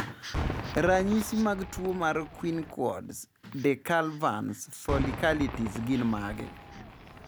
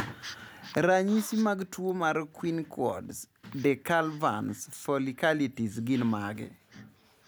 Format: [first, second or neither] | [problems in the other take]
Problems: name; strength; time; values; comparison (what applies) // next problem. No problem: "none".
second | background sound (Cheering / Fireworks); 9 dB below the speech